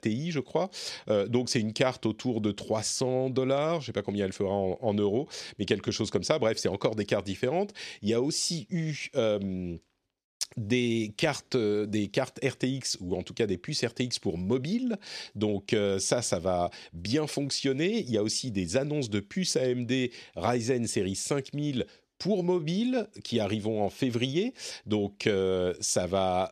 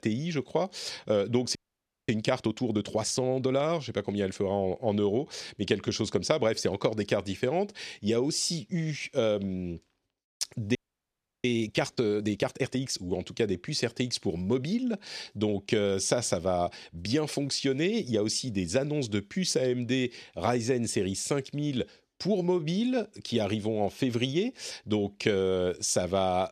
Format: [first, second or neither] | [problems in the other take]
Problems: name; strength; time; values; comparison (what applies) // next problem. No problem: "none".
first | audio freezing; at 1.5 s for 0.5 s and at 11 s for 0.5 s